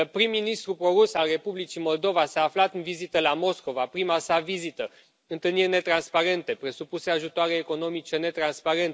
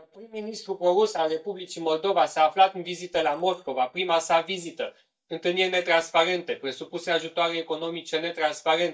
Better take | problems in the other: first | noise reduction (neural mask model DeepFilterNet 3)

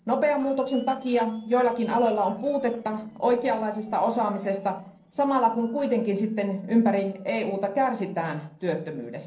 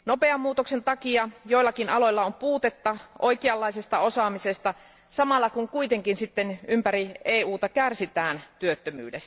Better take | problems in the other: second | noise reduction (neural separator model SepFormer DNS4)

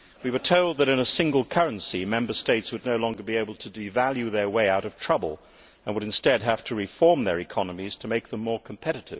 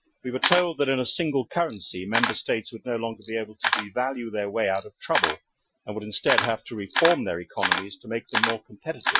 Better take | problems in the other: first | noise reduction (classical method Wiener filter)

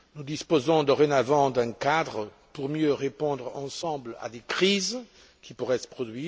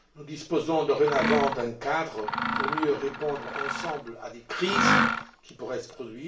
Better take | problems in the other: first | background sound (Mechanisms); 1 dB below the speech // room echo; dies away in 0.3 s

